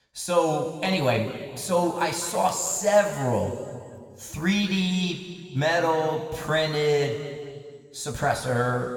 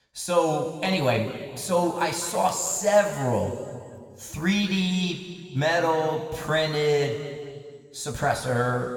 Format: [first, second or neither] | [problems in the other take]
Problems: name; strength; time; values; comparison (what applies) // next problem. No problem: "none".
neither | room echo; noticeable; dies away in 2 s; the same in both // off-mic speech; somewhat distant; the same in both